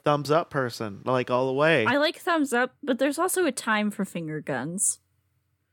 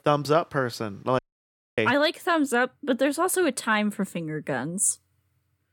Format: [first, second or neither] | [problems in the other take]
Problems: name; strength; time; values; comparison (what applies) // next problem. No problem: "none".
first | audio cutting out; at 1 s for 0.5 s